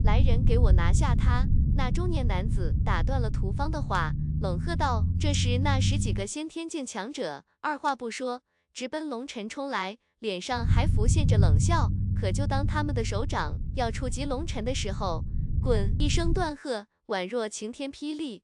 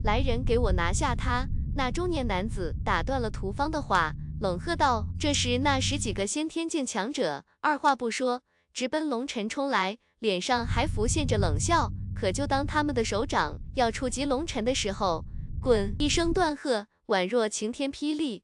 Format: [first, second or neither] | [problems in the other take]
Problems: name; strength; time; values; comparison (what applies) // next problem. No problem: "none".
second | low rumble; loud; until 6 s and from 11 to 16 s; 10 dB below the speech; faint in the second